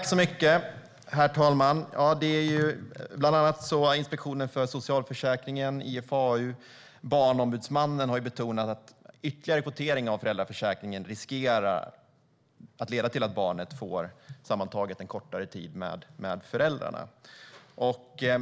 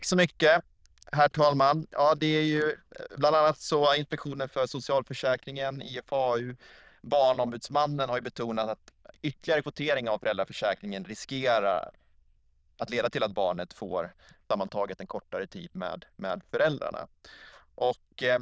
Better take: first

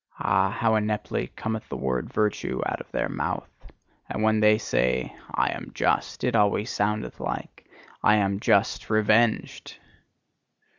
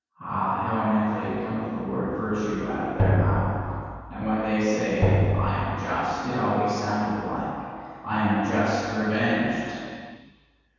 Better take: first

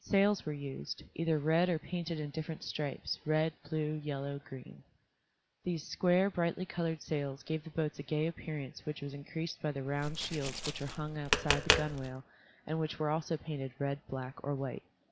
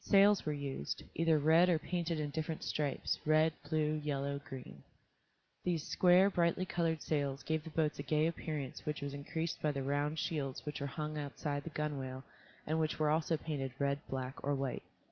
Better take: second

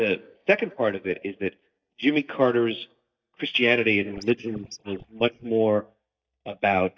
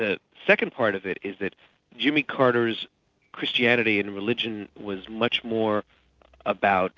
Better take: second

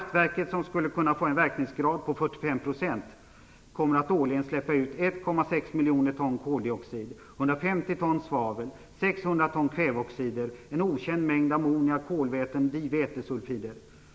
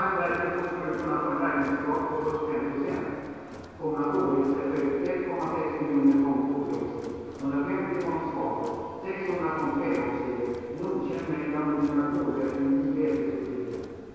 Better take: first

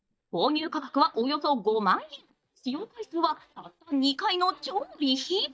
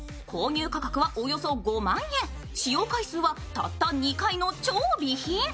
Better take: second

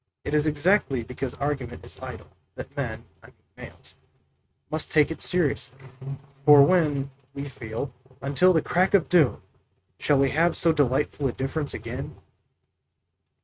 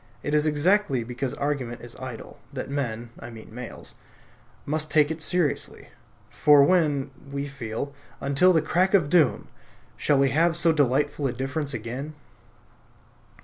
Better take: second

